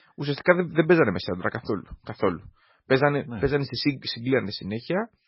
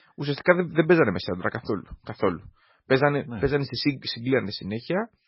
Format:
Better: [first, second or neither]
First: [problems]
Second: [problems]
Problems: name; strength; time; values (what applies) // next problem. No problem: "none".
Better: neither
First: garbled, watery; badly; nothing above 5.5 kHz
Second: garbled, watery; badly; nothing above 5.5 kHz